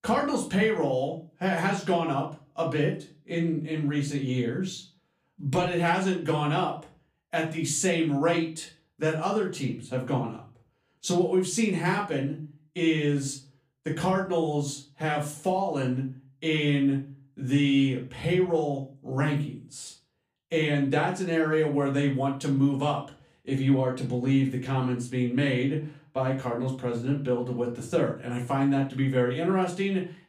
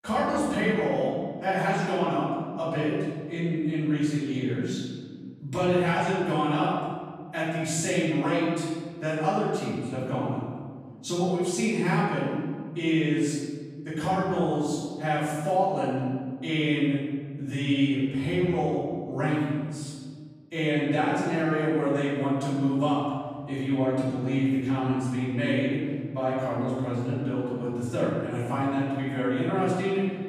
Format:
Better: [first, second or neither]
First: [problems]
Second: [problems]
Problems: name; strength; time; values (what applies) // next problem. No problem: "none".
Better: first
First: room echo; slight; dies away in 0.3 s // off-mic speech; far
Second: room echo; strong; dies away in 1.8 s // off-mic speech; far